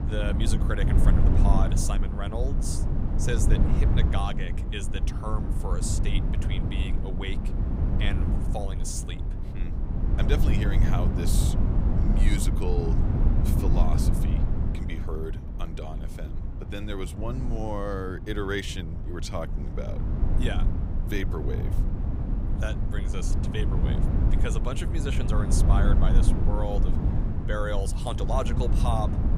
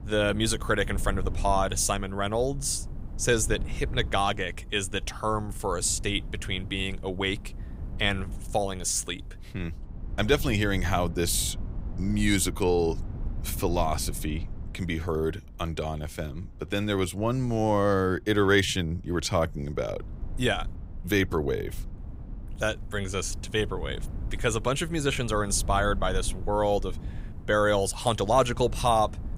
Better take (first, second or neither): second